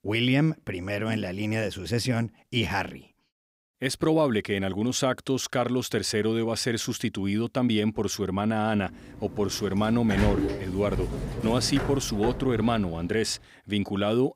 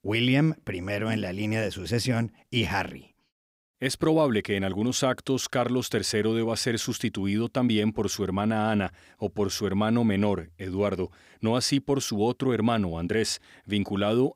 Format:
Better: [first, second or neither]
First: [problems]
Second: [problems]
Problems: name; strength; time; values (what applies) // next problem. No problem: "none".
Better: second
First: door banging; noticeable; from 9 to 13 s; peak level with the speech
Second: none